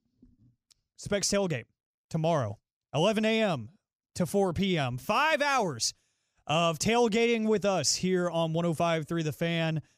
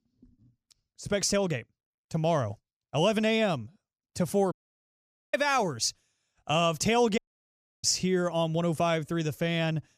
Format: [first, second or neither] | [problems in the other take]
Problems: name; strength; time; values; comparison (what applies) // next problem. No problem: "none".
first | audio cutting out; at 4.5 s for 1 s and at 7 s for 0.5 s